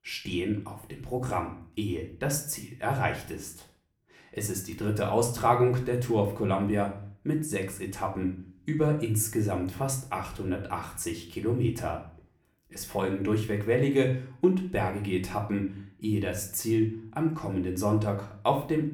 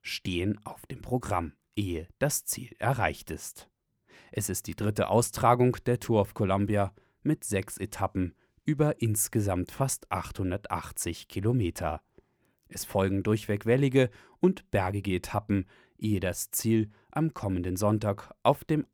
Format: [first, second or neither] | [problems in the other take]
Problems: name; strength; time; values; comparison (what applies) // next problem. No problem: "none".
second | room echo; slight; dies away in 0.4 s // off-mic speech; somewhat distant